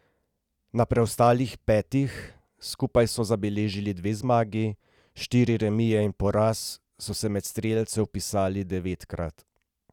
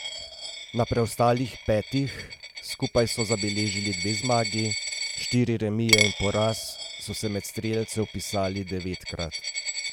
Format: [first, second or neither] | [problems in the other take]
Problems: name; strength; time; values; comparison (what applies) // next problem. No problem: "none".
first | background sound (Coin (dropping)); 5 dB below the speech